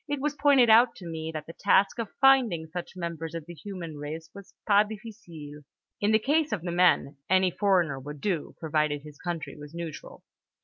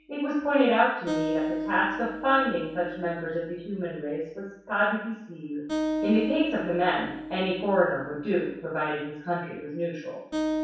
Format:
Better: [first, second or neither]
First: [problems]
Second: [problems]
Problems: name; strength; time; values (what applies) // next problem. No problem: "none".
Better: first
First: none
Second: background sound (Acoustic guitar); 7 dB below the speech // room echo; dies away in 0.7 s